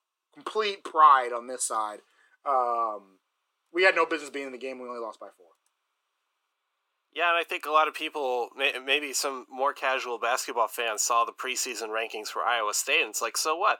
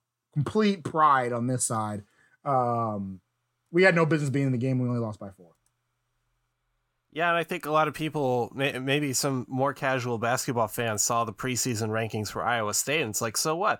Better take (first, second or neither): second